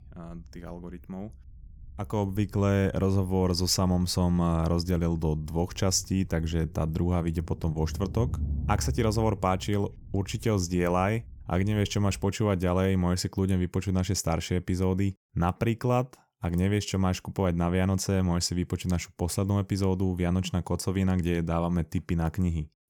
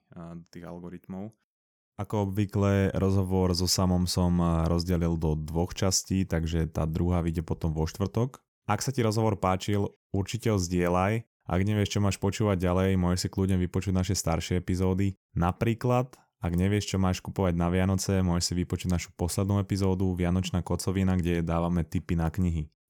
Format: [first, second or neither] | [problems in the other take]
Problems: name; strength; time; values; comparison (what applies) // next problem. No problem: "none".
second | low rumble; faint; until 12 s; 25 dB below the speech